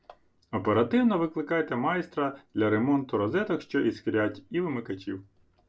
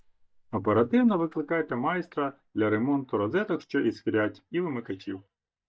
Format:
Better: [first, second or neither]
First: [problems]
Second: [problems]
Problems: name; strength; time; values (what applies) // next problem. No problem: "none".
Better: first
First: none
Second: noise reduction (neural mask model DeepFilterNet 3)